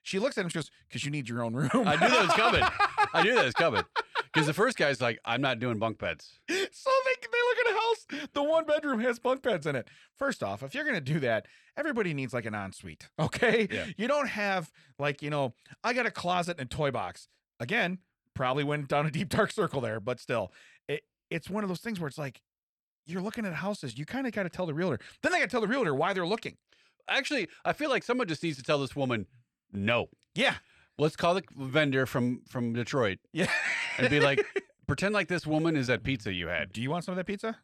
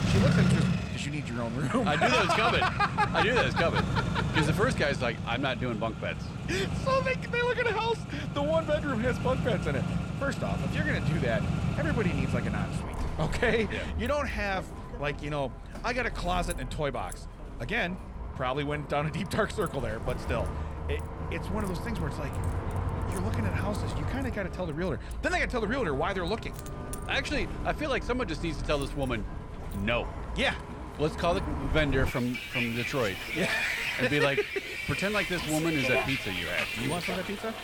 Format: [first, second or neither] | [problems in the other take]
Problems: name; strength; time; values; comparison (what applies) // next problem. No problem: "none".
first | traffic noise; loud; throughout; 3 dB below the speech